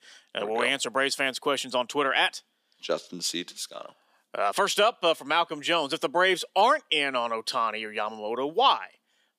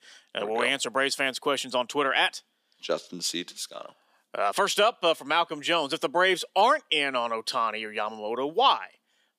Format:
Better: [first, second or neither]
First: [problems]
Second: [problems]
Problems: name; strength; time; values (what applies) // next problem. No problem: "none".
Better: neither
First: thin; somewhat; fading below 350 Hz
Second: thin; somewhat; fading below 350 Hz